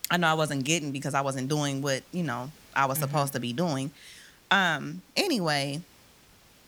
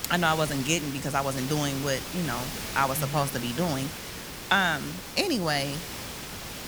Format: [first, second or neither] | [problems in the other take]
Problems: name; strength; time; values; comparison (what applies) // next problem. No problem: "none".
first | hiss; loud; throughout; 8 dB below the speech; faint in the first